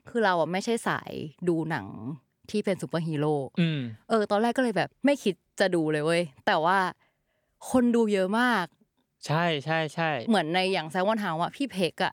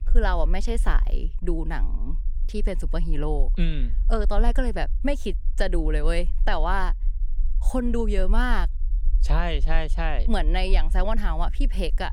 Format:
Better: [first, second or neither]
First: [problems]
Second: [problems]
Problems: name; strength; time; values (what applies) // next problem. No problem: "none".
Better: first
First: none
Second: low rumble; faint; throughout; 25 dB below the speech